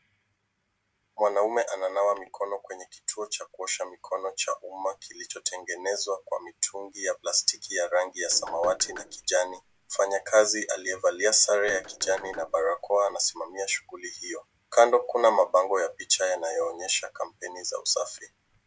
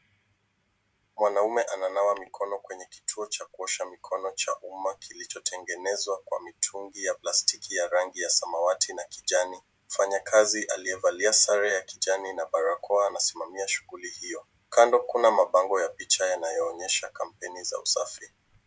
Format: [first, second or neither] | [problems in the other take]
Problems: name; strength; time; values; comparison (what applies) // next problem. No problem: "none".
second | noise reduction (neural separator model SepFormer DNS4)